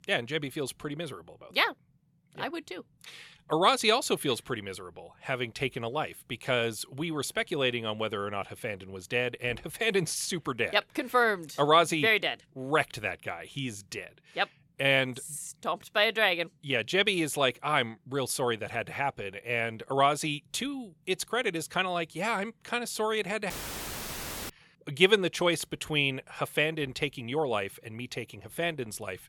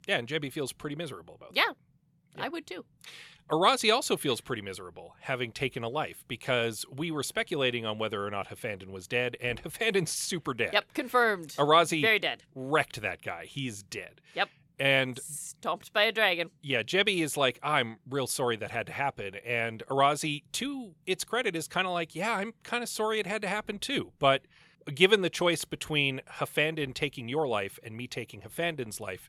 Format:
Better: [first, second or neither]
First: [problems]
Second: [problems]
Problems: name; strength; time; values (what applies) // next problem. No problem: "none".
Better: second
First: audio cutting out; filled with static; at 24 s for 1 s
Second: none